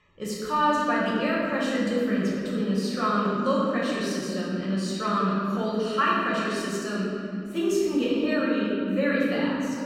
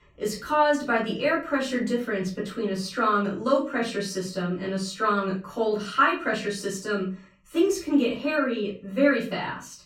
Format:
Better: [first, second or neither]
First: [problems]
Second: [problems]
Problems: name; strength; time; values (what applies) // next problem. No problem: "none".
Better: second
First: room echo; strong; dies away in 2.8 s // off-mic speech; far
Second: room echo; slight; dies away in 0.3 s // off-mic speech; far